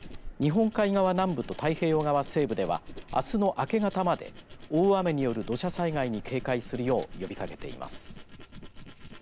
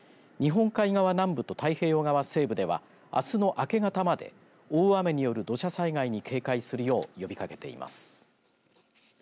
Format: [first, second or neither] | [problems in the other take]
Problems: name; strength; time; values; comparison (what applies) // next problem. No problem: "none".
second | background sound (Tools); 15 dB below the speech